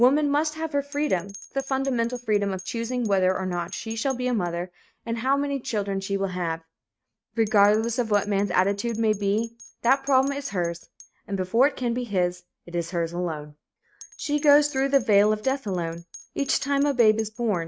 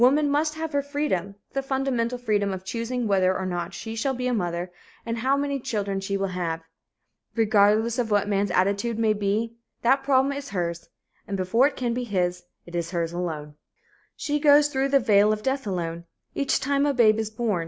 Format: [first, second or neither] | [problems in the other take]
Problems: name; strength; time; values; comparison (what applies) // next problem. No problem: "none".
second | noise reduction (neural mask model RNNoise)